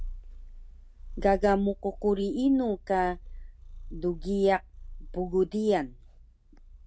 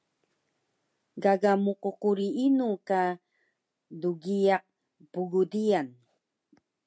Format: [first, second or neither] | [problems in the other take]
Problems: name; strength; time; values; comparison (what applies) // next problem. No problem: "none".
second | background sound (Purr); 12 dB below the speech